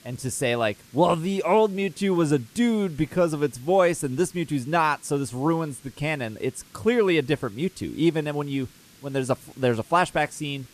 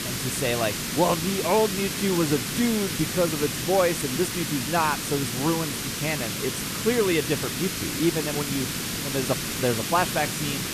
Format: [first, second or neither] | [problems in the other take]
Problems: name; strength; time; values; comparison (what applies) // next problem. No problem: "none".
first | hiss; loud; throughout; 2 dB below the speech; faint in the first